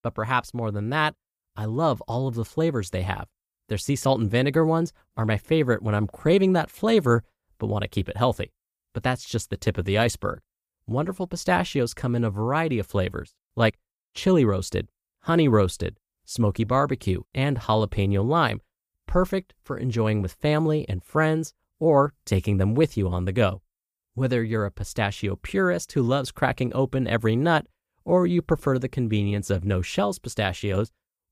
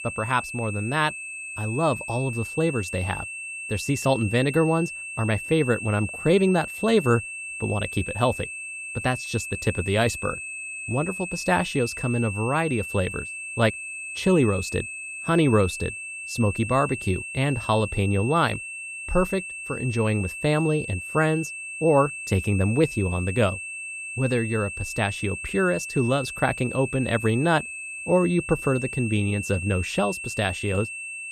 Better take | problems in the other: first | high-pitched whine; loud; throughout; 2.5 kHz, 8 dB below the speech

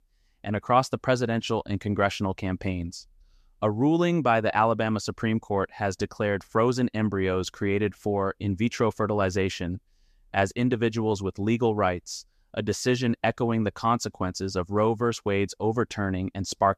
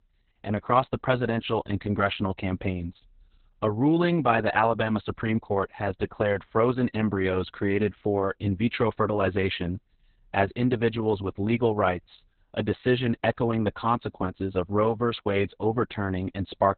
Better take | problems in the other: first | garbled, watery; badly; nothing above 4 kHz

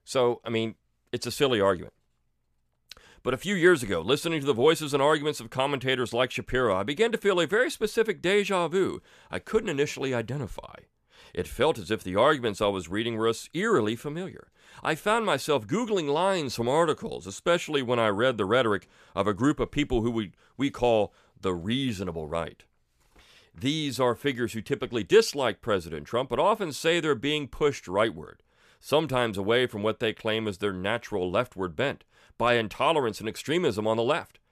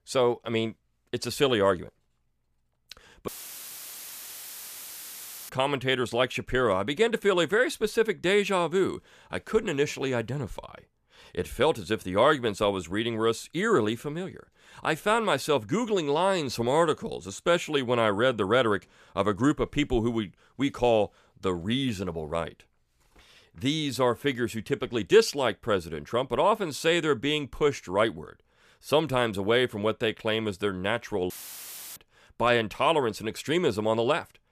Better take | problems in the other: first | audio cutting out; filled with static; at 3.5 s for 2 s and at 31 s for 0.5 s

